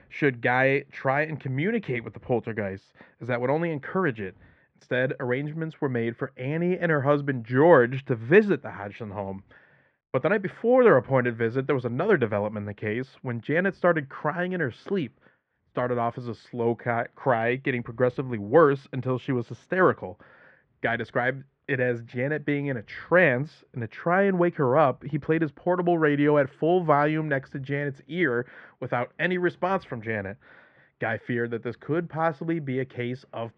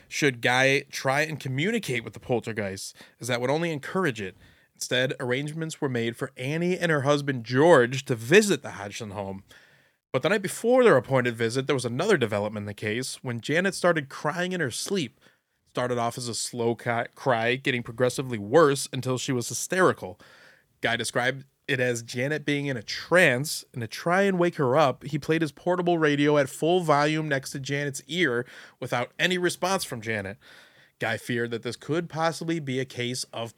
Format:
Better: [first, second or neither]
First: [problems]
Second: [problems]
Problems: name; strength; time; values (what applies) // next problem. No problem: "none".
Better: second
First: muffled; very; fading above 2 kHz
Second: none